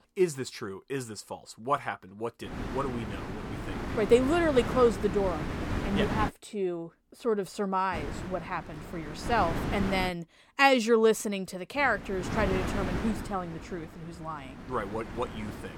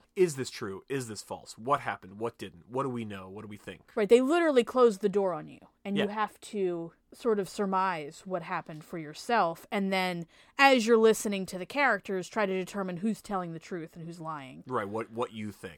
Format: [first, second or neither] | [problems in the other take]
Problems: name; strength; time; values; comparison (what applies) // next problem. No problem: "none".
second | wind noise on the microphone; heavy; from 2.5 to 6.5 s, from 8 to 10 s and from 12 s on; 9 dB below the speech